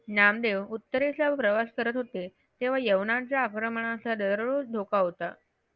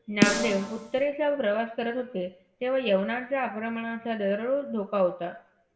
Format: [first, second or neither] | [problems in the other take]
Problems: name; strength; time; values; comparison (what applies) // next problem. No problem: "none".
first | background sound (Snare drum); 2 dB below the speech // room echo; dies away in 0.5 s